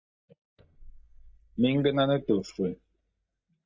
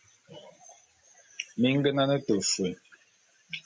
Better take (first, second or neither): second